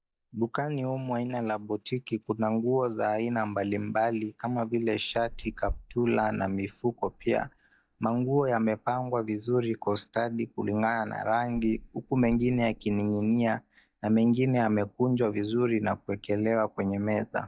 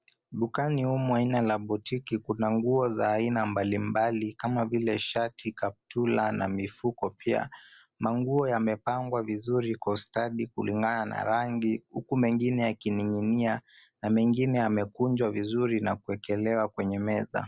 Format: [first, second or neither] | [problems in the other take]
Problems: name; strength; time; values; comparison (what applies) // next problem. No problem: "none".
second | noise reduction (neural mask model DeepFilterNet 3)